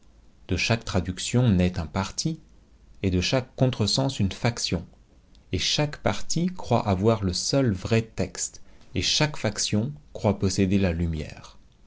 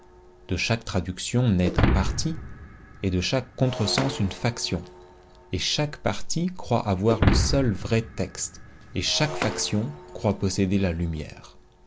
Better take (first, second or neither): first